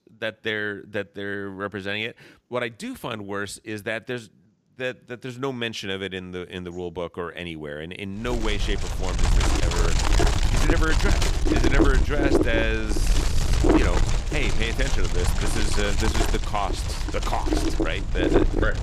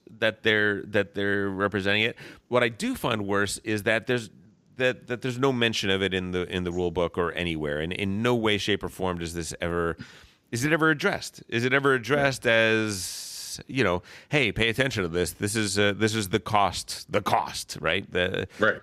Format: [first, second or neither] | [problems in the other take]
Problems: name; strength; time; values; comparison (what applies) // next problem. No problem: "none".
second | wind noise on the microphone; heavy; from 8.5 s on; 1 dB above the speech